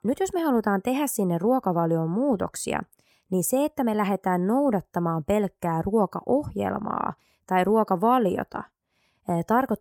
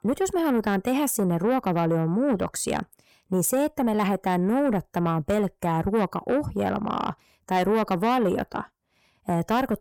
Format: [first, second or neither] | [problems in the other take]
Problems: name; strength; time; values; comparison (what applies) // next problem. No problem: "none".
first | distortion; slight; 10 dB below the speech